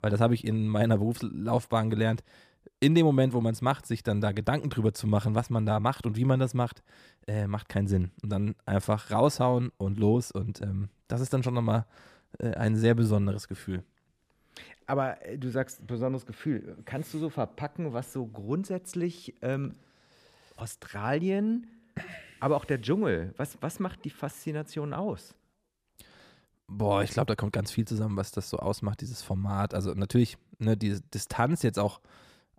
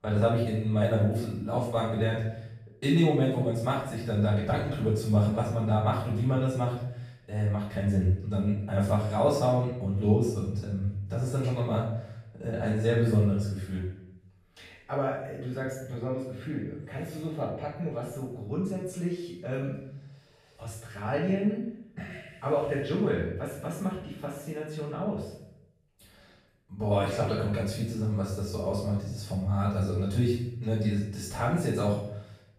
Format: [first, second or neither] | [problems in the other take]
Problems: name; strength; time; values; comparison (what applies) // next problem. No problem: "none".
first | off-mic speech; far // room echo; noticeable; dies away in 0.7 s